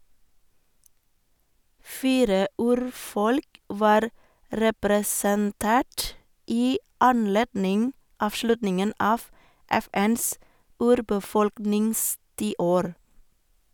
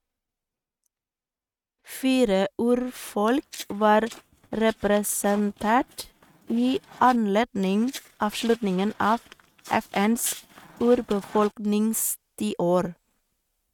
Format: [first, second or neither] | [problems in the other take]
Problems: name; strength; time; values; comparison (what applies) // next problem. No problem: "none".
first | noise reduction (neural mask model RNNoise)